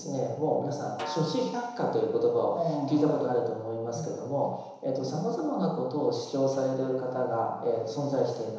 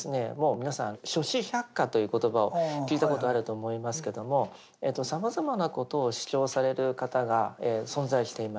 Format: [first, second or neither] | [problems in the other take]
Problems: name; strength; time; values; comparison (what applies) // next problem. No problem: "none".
second | background sound (Snare drum); 14 dB below the speech // room echo; dies away in 1 s